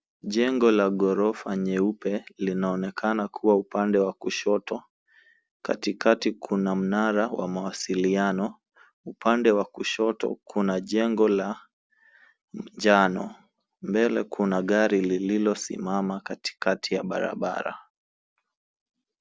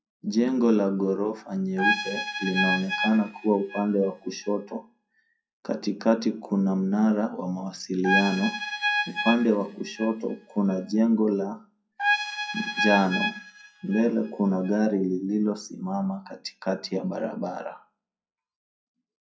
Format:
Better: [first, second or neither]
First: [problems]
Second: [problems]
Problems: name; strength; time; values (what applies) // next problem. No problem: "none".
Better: first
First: none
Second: noise reduction (classical method WPE with log-MMSE)